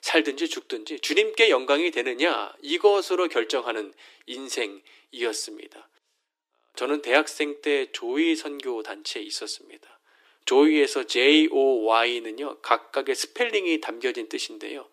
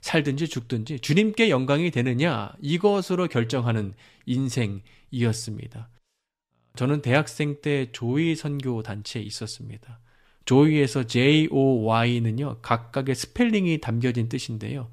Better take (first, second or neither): second